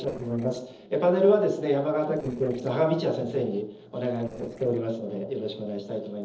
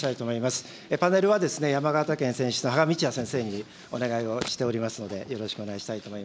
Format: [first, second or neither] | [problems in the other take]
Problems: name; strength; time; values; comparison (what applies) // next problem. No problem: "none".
second | noise reduction (neural separator model SepFormer DNS4)